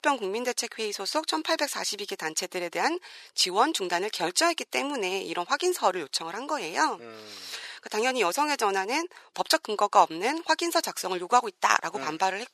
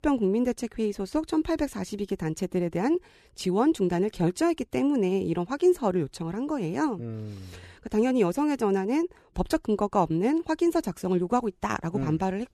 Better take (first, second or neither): second